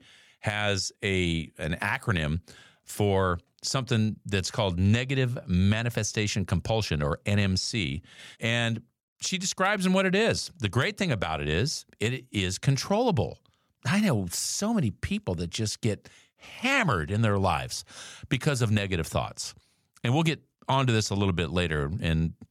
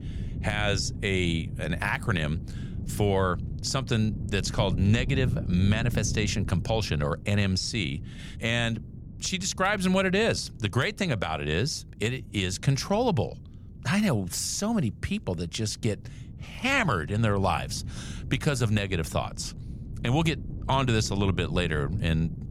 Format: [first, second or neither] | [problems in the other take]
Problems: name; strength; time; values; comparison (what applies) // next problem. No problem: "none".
first | wind noise on the microphone; occasional gusts; 20 dB below the speech